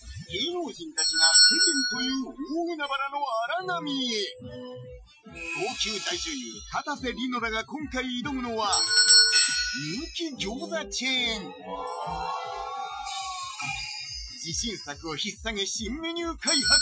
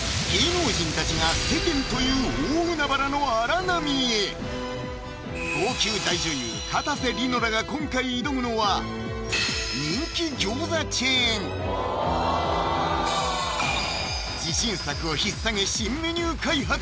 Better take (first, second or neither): second